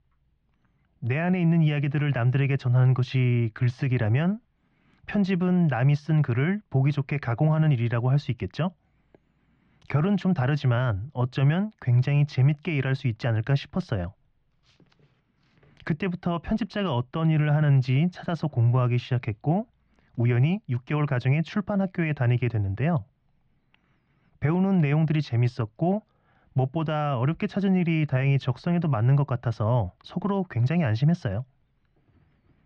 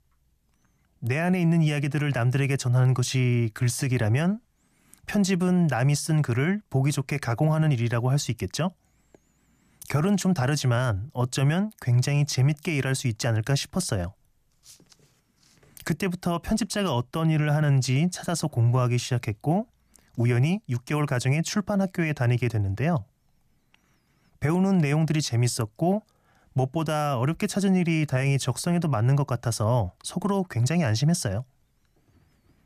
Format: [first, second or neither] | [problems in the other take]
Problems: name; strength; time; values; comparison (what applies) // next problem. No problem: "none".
second | muffled; slightly; fading above 3.5 kHz